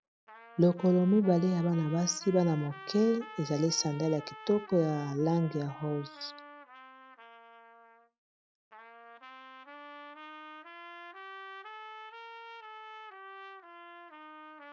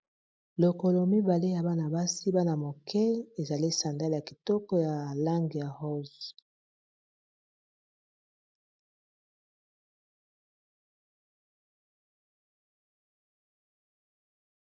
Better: second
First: background sound (Trumpet); 16 dB below the speech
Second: none

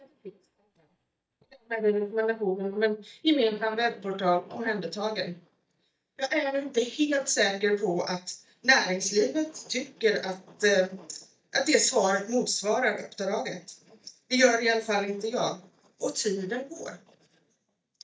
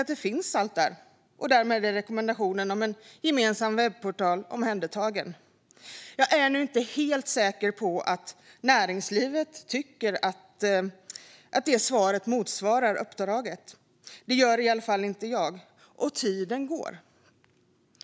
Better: second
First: noise reduction (neural mask model DeepFilterNet 3)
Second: none

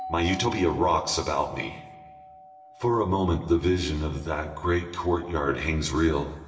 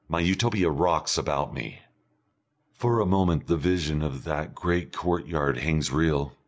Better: second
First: background sound (Doorbell); 18 dB below the speech // room echo; dies away in 1.2 s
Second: none

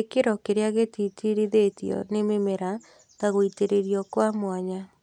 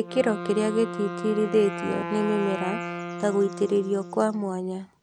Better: first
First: none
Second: background sound (Wind instrument, woodwind instrument); 8 dB below the speech

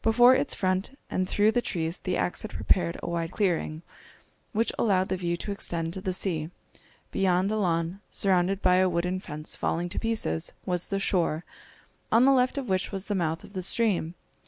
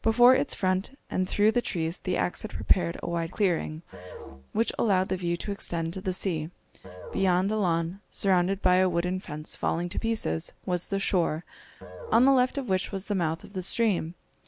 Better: first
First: none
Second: background sound (Musical instrument); 19 dB below the speech

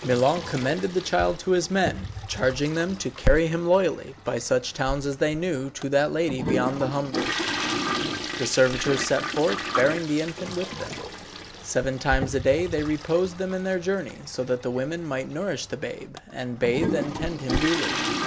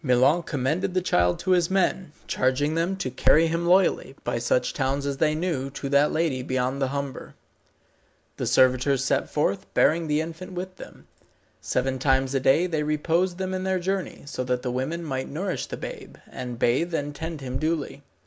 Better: second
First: background sound (Toilet flush); 7 dB below the speech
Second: none

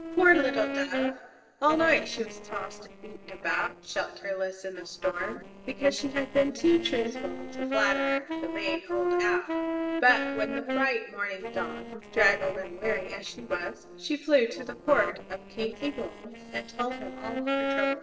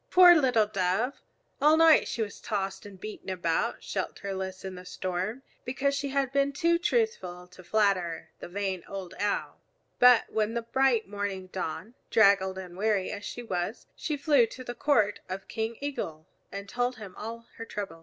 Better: second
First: noise reduction (neural separator model SepFormer DNS4)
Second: none

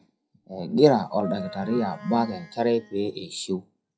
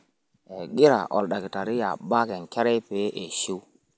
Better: second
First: noise reduction (classical method WPE with log-MMSE)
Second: none

